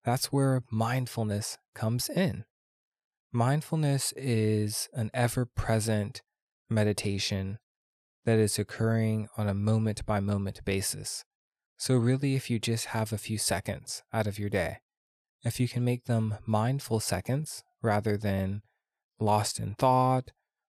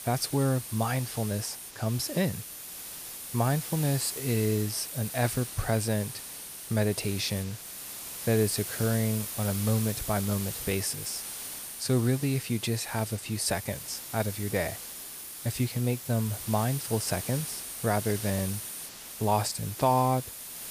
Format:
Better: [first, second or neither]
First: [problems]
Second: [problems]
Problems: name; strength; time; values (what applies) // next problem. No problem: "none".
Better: first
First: none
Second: hiss; loud; throughout; 7 dB below the speech